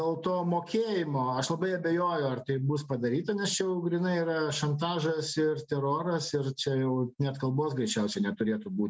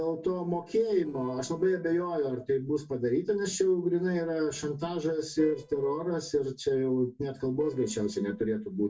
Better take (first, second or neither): first